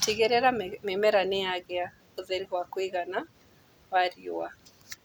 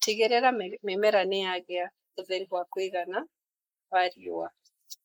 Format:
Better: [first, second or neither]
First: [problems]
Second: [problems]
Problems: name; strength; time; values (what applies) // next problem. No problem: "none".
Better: first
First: none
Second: noise reduction (neural mask model Resemble Enhance denoiser)